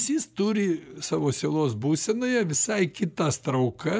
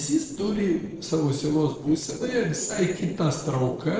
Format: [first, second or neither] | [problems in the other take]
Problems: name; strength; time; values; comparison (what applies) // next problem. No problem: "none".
first | noise reduction (neural separator model SepFormer DNS4)